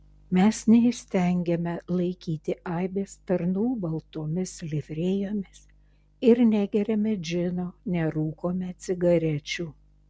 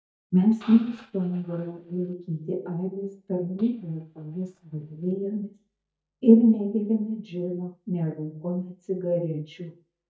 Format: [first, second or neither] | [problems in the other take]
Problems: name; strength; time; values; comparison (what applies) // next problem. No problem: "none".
first | noise reduction (neural mask model DeepFilterNet 3)